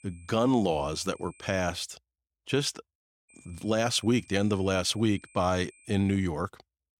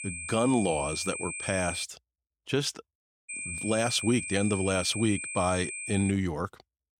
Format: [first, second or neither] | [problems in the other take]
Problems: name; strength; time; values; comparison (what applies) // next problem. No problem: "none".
first | high-pitched whine; loud; until 2 s and from 3.5 to 6 s; 2.5 kHz, 6 dB below the speech; faint in the first